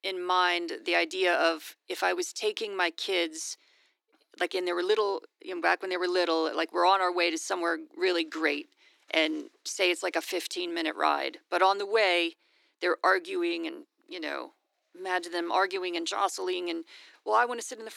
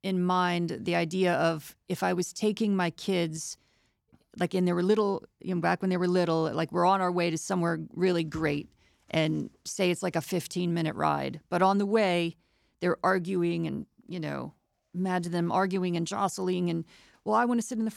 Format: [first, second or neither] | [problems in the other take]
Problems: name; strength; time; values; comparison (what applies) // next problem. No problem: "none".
second | thin; very; fading below 300 Hz